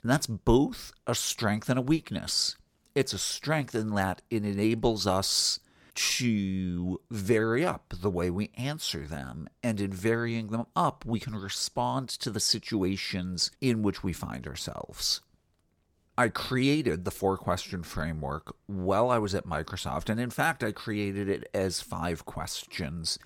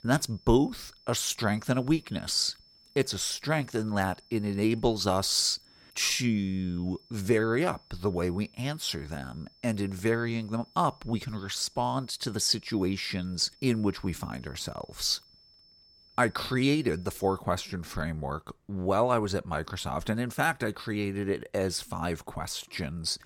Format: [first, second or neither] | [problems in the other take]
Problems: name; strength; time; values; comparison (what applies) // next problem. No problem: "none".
first | high-pitched whine; faint; until 17 s; 5.5 kHz, 25 dB below the speech